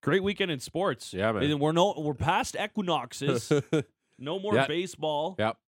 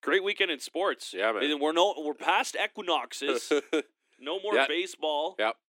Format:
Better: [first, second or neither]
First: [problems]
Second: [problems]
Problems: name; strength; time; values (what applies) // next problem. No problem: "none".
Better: first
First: none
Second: thin; somewhat; fading below 300 Hz